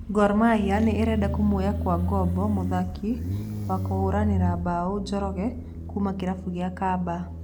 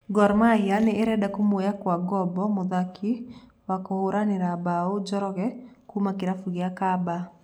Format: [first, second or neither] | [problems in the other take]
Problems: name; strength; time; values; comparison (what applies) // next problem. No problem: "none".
second | background sound (Motorcycle); 4 dB below the speech